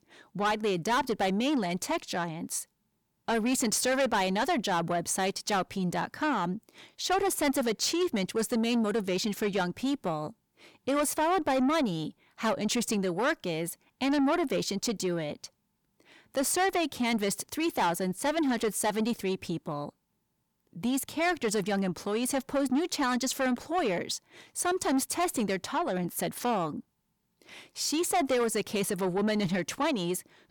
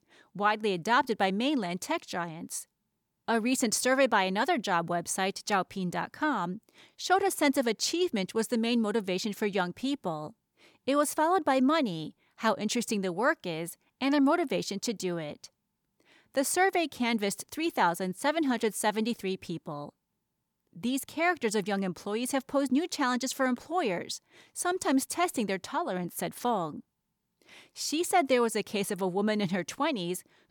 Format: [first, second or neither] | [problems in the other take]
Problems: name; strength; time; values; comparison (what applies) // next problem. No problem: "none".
second | distortion; slight; 10 dB below the speech